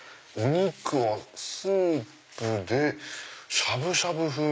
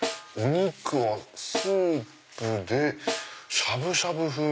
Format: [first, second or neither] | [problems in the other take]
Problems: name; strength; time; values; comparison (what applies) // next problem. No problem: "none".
first | background sound (Snare drum); 10 dB below the speech